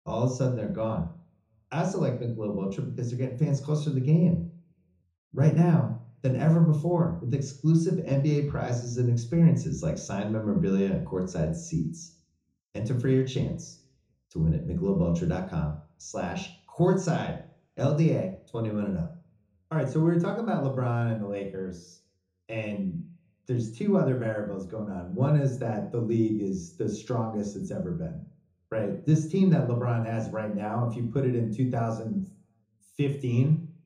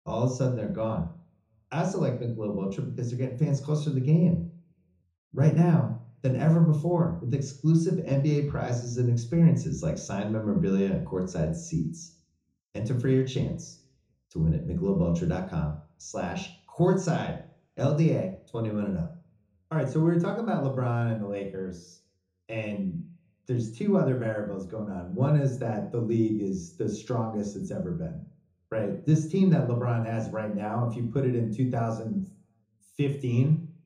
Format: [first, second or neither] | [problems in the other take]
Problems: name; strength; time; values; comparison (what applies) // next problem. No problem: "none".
neither | room echo; slight; dies away in 0.5 s; the same in both // off-mic speech; far; the same in both